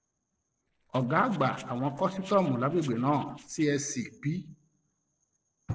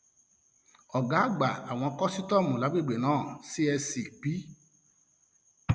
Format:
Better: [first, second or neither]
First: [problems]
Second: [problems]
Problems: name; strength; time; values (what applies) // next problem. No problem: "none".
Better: second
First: noise reduction (neural separator model SepFormer DNS4)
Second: none